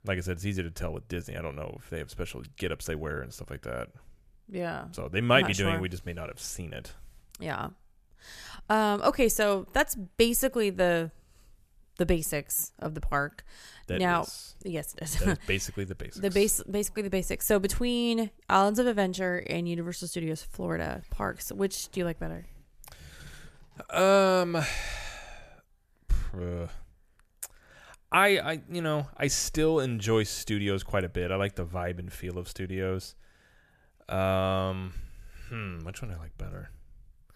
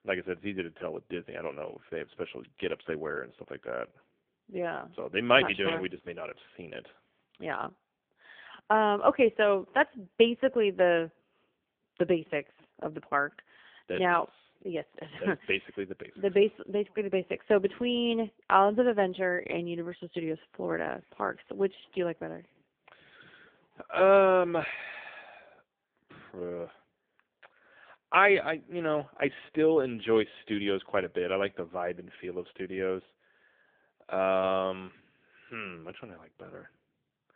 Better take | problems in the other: first | phone-call audio; poor line

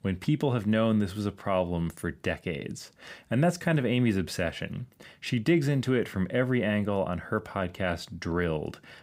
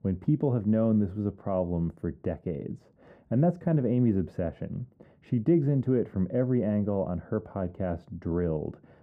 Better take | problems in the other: first | muffled; very; fading above 1.5 kHz

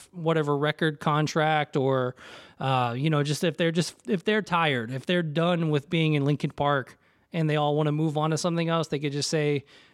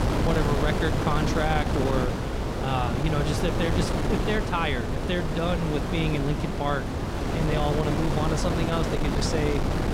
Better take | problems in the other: first | wind noise on the microphone; heavy; 1 dB below the speech

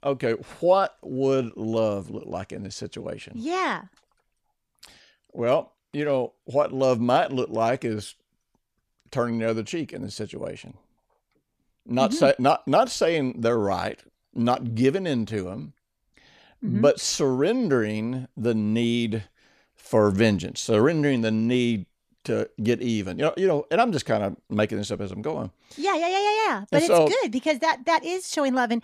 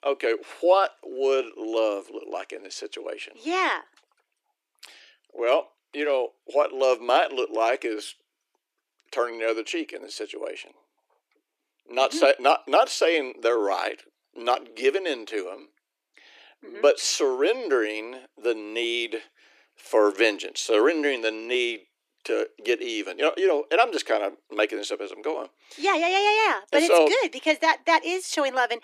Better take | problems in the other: first | thin; very; fading below 300 Hz

